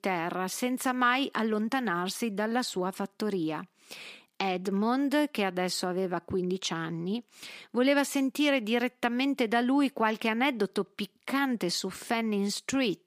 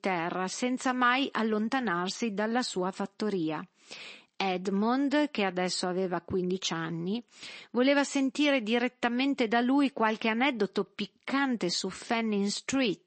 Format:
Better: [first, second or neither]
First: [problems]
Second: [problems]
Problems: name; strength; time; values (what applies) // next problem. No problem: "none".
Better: first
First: none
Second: garbled, watery; slightly; nothing above 8 kHz